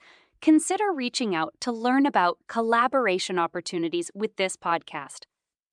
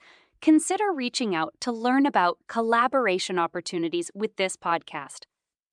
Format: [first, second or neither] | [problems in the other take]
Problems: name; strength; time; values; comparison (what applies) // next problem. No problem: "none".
neither | none